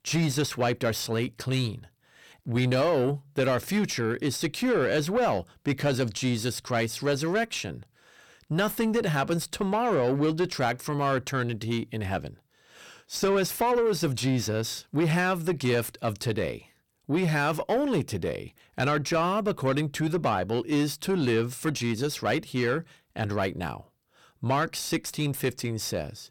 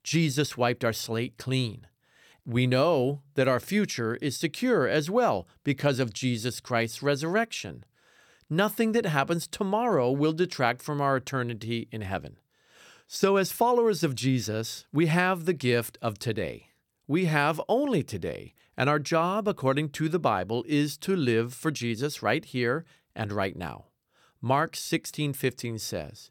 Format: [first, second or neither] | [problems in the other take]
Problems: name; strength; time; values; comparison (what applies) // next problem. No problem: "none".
second | distortion; slight; 10 dB below the speech